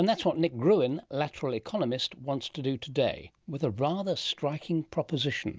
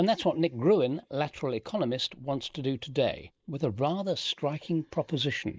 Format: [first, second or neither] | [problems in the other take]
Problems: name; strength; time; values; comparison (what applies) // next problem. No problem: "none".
first | noise reduction (neural mask model Resemble Enhance denoiser)